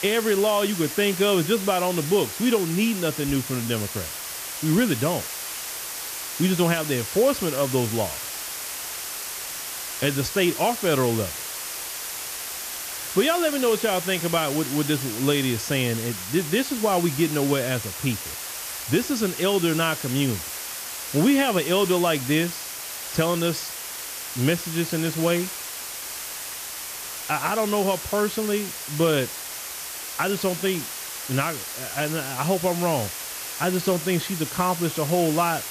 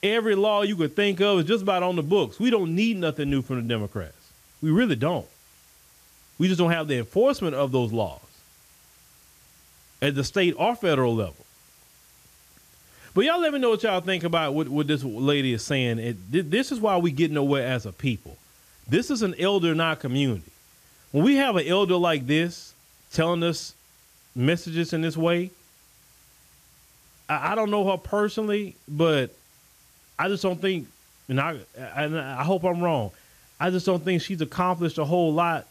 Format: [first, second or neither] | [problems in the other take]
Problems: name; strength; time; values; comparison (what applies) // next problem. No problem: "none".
second | hiss; loud; throughout; 6 dB below the speech; faint in the second